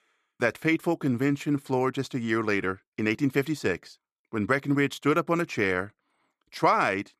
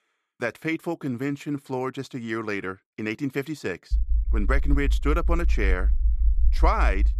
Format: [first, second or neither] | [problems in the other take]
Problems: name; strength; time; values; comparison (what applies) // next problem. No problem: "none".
first | low rumble; noticeable; from 4 s on; 20 dB below the speech